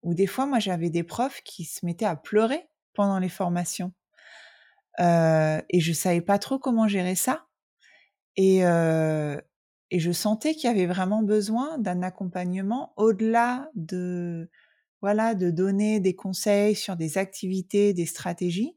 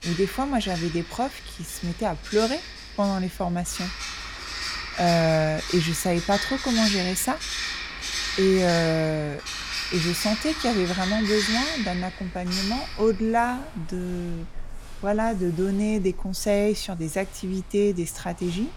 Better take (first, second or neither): first